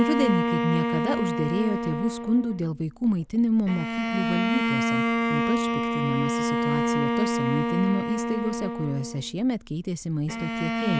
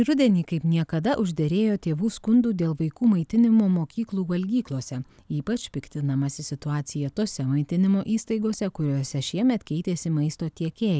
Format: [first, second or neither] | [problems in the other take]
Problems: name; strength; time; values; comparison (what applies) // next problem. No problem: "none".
second | background sound (Bowed string instrument); as loud as the speech